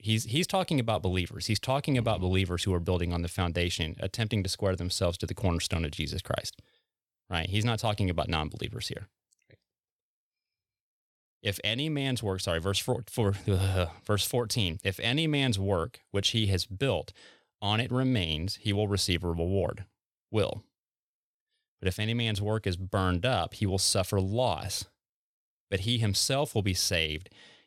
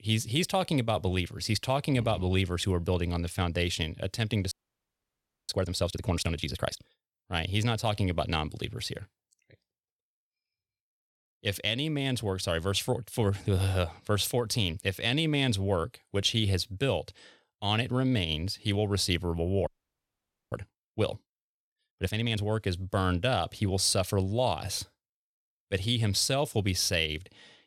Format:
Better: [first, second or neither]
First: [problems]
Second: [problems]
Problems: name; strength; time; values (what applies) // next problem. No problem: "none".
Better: first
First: none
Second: audio freezing; at 4.5 s for 1 s and at 20 s for 1 s